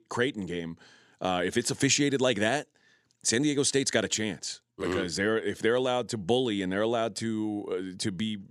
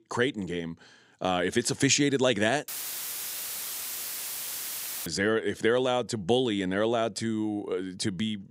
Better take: first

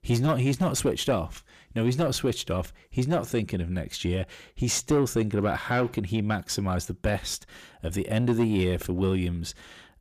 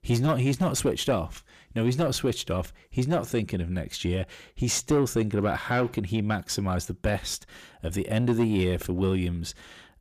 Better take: neither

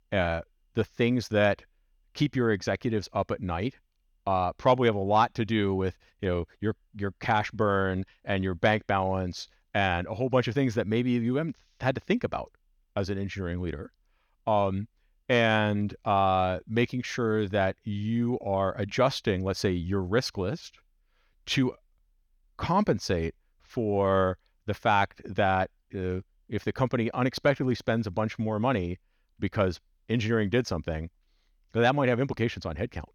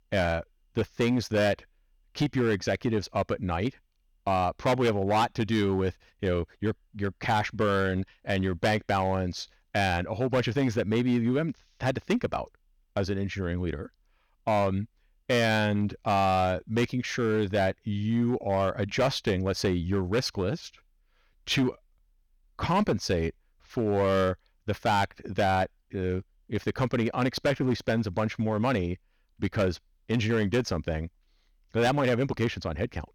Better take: first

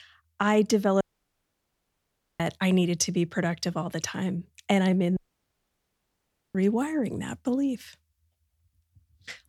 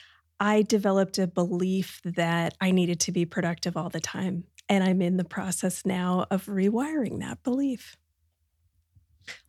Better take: second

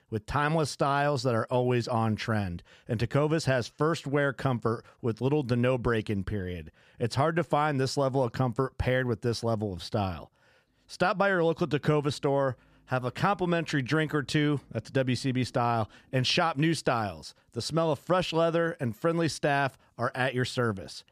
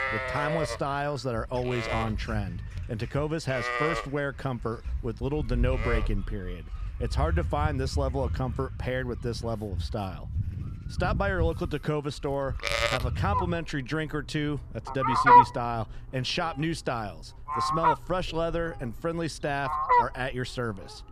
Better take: first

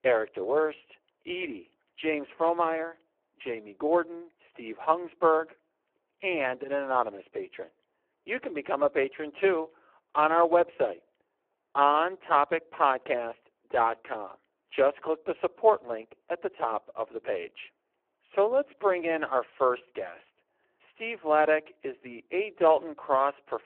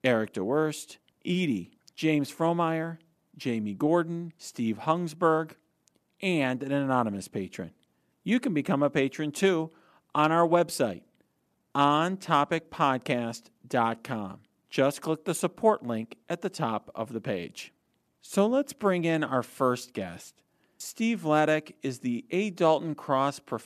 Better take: second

